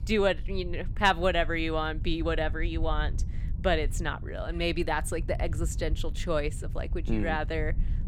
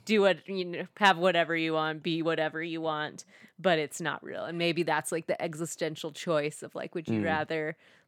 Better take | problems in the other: second | low rumble; faint; throughout; 20 dB below the speech

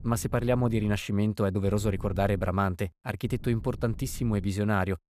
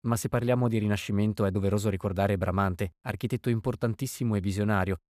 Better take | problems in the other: second | wind noise on the microphone; occasional gusts; at the start, at 1.5 s and from 3.5 to 4.5 s; 25 dB below the speech

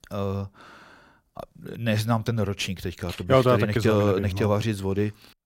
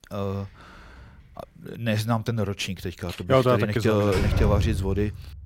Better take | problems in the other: first | door banging; loud; from 4 s on; peak 1 dB above the speech

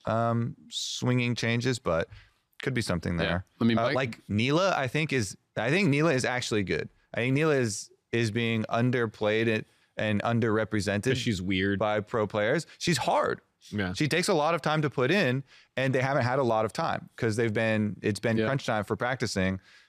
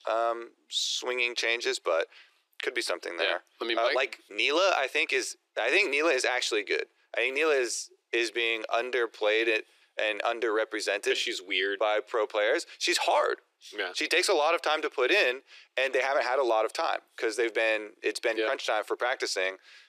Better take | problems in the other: first | thin; very; fading below 350 Hz

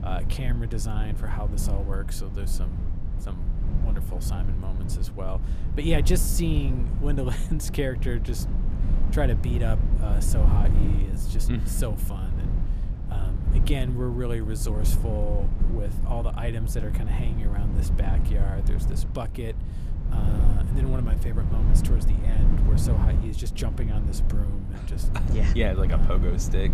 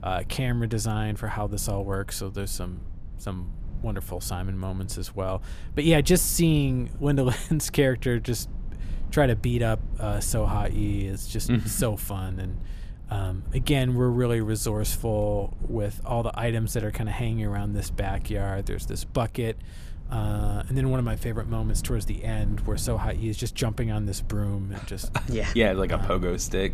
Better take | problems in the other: second | low rumble; loud; throughout; 5 dB below the speech; faint in the second

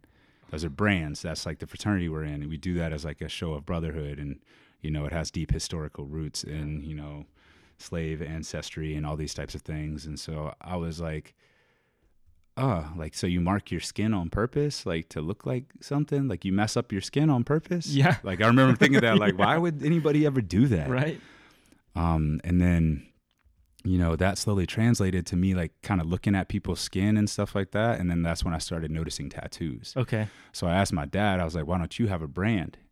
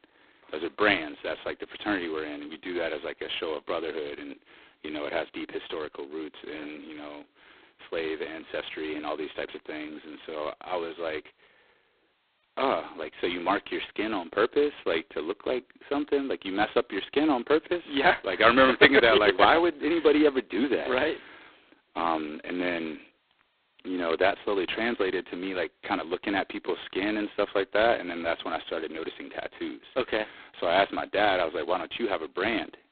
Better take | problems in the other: first | phone-call audio; poor line; nothing above 4 kHz

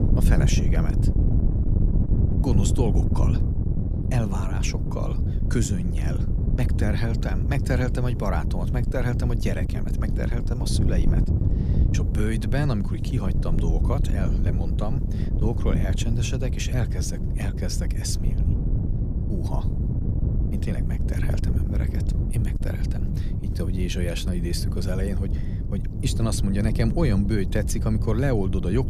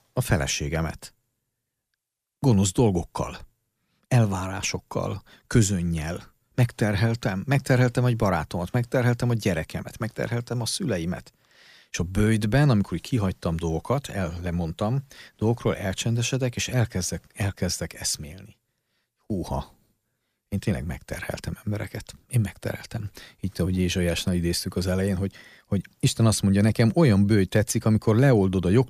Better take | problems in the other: second | wind noise on the microphone; heavy; 5 dB below the speech

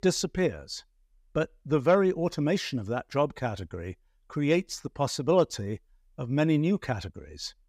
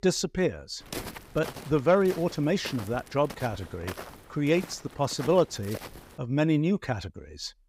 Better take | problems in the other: first | footsteps; noticeable; from 1 to 6 s; peak 9 dB below the speech

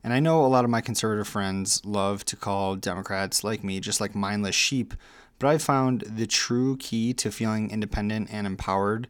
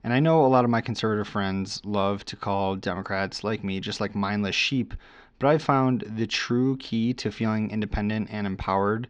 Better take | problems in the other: first | muffled; slightly; fading above 4.5 kHz

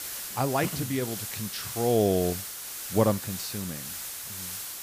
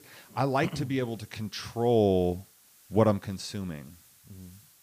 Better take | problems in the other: second | hiss; loud; throughout; 6 dB below the speech; faint in the second

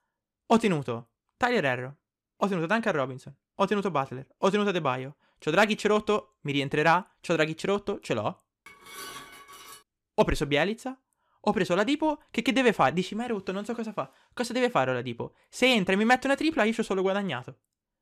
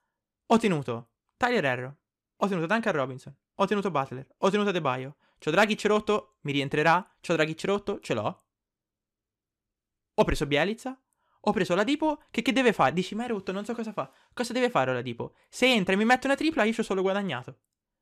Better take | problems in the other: second | clattering dishes; faint; from 8.5 to 10 s; peak 15 dB below the speech

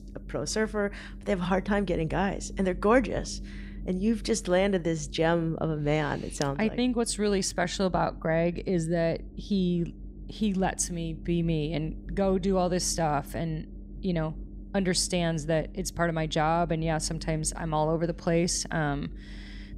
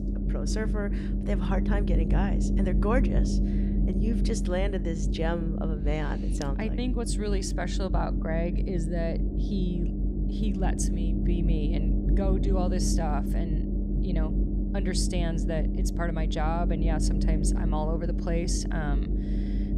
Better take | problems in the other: first | low rumble; loud; throughout; 4 dB below the speech; faint in the first

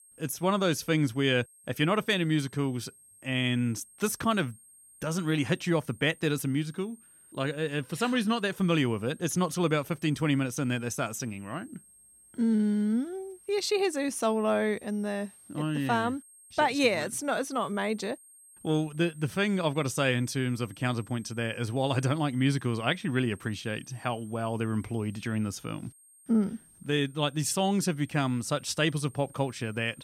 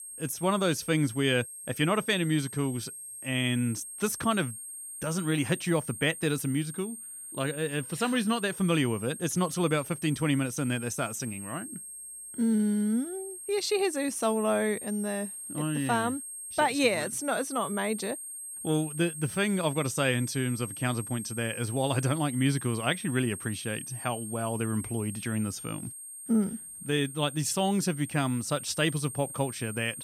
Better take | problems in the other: first | high-pitched whine; loud; throughout; 8.5 kHz, 9 dB below the speech; faint in the first

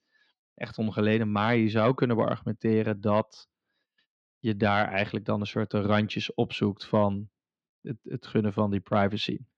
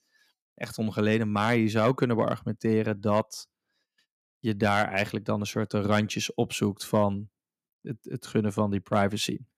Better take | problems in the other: second | muffled; very slightly; fading above 4 kHz

